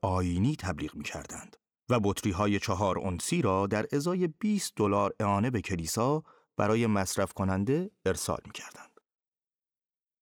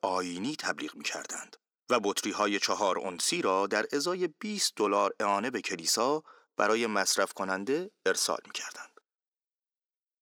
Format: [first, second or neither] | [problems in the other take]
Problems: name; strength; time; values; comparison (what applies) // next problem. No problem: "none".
first | thin; somewhat; fading below 300 Hz